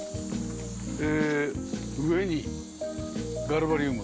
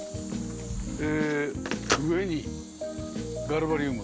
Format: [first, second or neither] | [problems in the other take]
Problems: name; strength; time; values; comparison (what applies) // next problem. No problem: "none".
first | background sound (Bass drum + Telephone); 8 dB below the speech